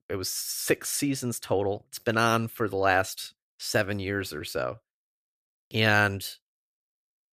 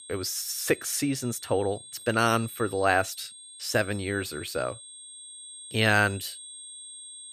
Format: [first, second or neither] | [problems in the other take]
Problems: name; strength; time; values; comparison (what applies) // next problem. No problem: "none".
first | high-pitched whine; noticeable; throughout; 8.5 kHz, 15 dB below the speech